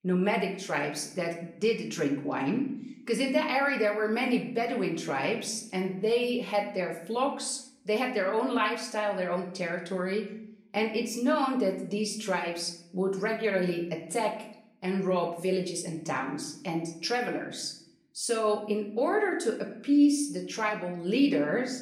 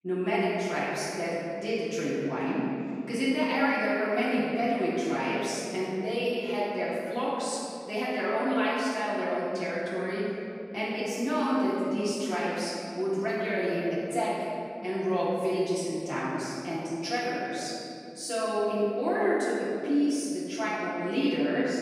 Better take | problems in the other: first | room echo; strong; dies away in 2.4 s; slight in the first // off-mic speech; far; far in the first

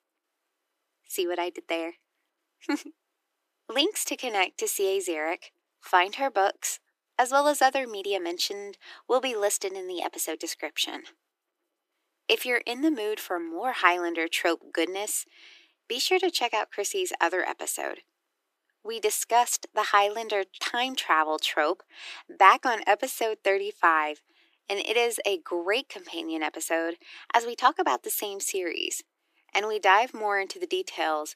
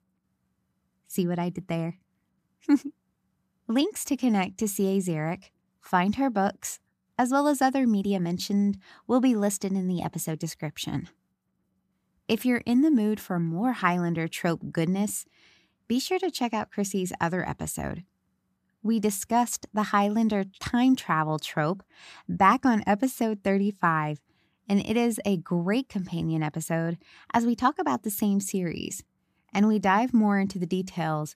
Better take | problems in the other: second | thin; very; fading below 350 Hz

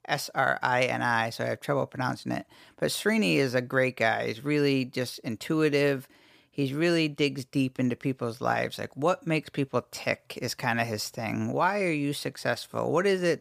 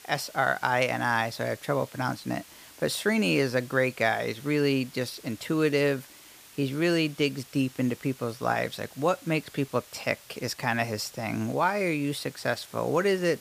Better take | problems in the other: first | hiss; faint; throughout; 20 dB below the speech

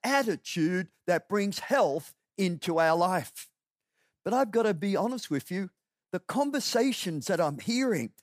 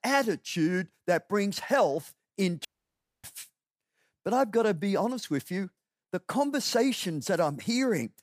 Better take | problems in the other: first | audio cutting out; at 2.5 s for 0.5 s

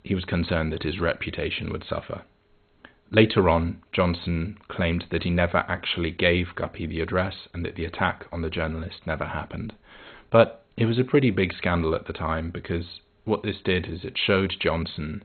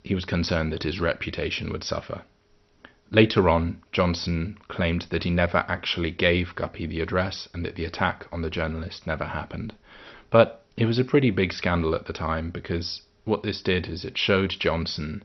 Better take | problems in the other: second | garbled, watery; badly; nothing above 4 kHz; slightly in the second

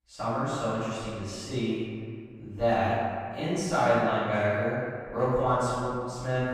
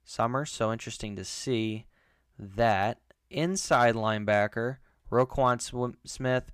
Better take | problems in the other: second | off-mic speech; far // room echo; strong; dies away in 1.9 s

